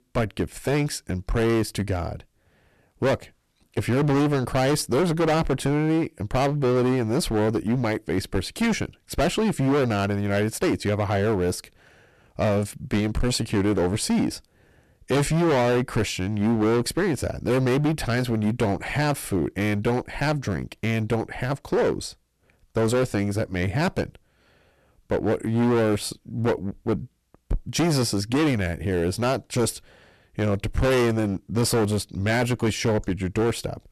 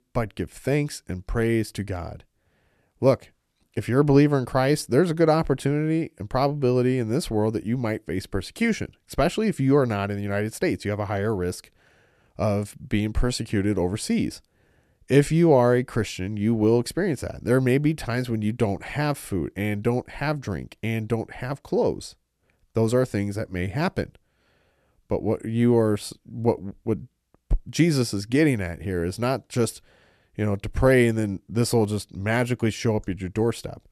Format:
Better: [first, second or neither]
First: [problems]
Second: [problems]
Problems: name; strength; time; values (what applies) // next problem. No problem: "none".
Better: second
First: distortion; heavy; 17% of the sound clipped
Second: none